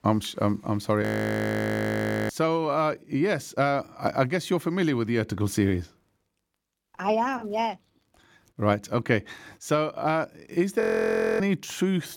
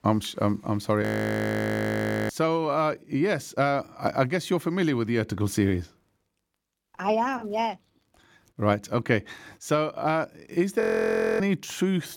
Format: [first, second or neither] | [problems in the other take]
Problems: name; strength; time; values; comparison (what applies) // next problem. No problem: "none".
neither | audio freezing; at 1 s for 1.5 s and at 11 s for 0.5 s; the same in both